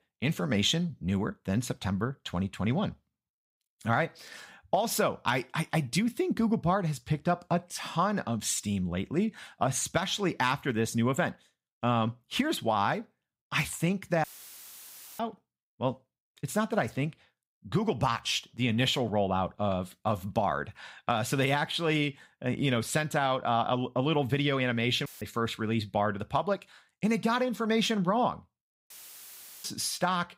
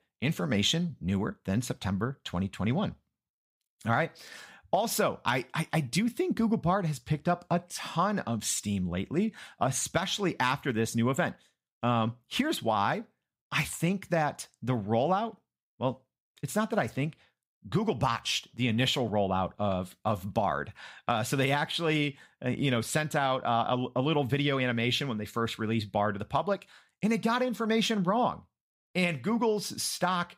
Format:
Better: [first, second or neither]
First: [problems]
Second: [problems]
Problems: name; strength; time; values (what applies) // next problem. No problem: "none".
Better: second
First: audio cutting out; filled with static; at 14 s for 1 s, at 25 s and at 29 s for 0.5 s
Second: none